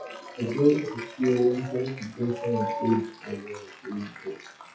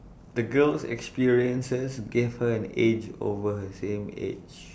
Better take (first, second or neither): second